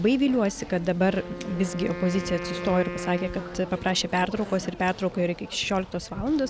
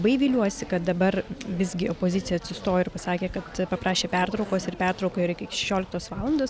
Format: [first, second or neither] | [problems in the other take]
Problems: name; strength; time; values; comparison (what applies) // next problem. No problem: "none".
second | background sound (Wind instrument, woodwind instrument); 13 dB below the speech